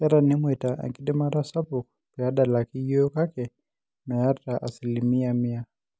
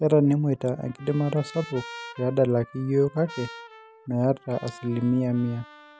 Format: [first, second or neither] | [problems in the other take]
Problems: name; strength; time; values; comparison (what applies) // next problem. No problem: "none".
first | background sound (Trumpet); 20 dB below the speech